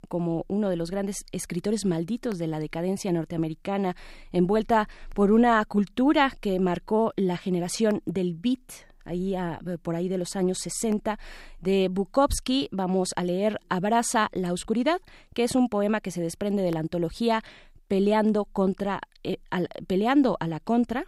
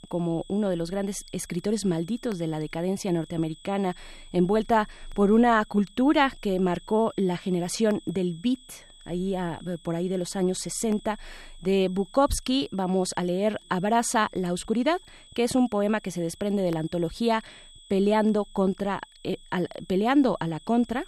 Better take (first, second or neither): first